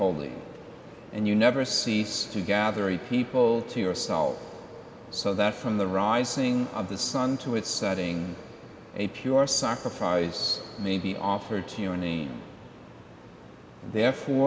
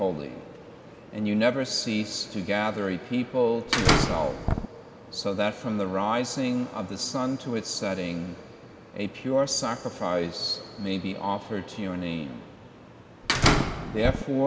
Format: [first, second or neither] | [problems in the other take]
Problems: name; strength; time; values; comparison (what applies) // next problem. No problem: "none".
first | background sound (Slam); 5 dB above the speech